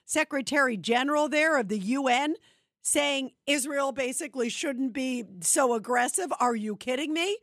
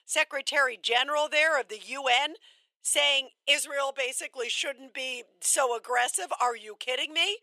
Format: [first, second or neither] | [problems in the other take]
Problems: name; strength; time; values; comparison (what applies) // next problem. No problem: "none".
first | thin; very; fading below 500 Hz